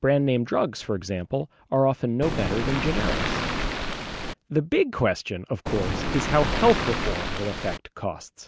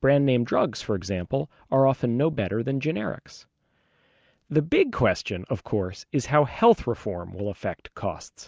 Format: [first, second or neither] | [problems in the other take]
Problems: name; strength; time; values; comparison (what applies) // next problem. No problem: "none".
second | background sound (Waves, surf); 1 dB below the speech